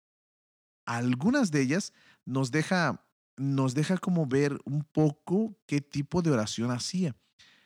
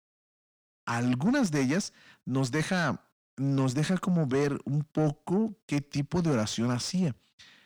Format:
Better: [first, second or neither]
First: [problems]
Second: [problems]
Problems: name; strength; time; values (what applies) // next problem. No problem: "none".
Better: first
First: none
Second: distortion; slight; 10 dB below the speech